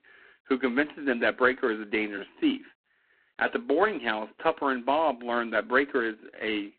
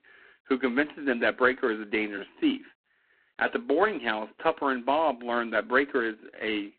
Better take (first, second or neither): neither